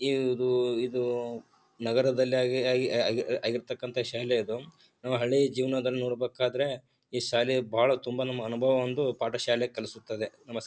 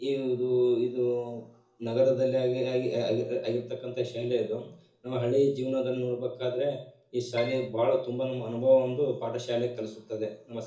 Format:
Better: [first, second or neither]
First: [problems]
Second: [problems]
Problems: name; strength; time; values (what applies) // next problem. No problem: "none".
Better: first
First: none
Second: background sound (Keyboard (musical)); 13 dB below the speech // room echo; dies away in 0.7 s